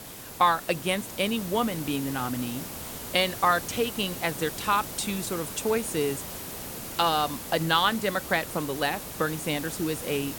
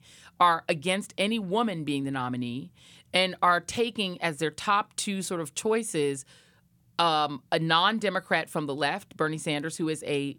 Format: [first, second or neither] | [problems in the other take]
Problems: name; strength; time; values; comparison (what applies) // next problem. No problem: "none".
second | hiss; loud; throughout; 9 dB below the speech